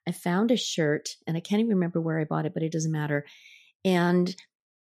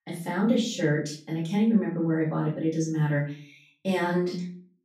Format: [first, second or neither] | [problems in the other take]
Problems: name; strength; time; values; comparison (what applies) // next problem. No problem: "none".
first | off-mic speech; far // room echo; slight; dies away in 0.4 s